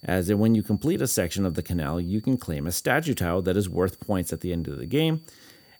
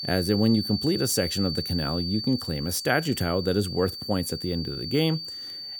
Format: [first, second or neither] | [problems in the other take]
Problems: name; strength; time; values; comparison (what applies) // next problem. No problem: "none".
first | high-pitched whine; loud; throughout; 4.5 kHz, 6 dB below the speech; faint in the first